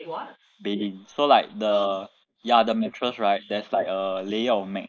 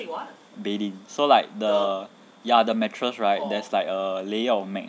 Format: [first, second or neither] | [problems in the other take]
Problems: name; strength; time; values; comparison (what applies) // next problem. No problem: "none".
second | noise reduction (neural mask model Resemble Enhance denoiser)